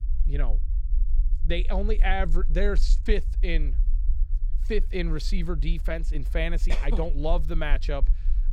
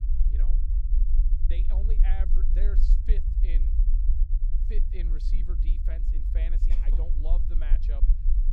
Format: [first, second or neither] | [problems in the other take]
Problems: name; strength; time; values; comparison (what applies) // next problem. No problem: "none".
first | low rumble; loud; throughout; 3 dB below the speech; faint in the first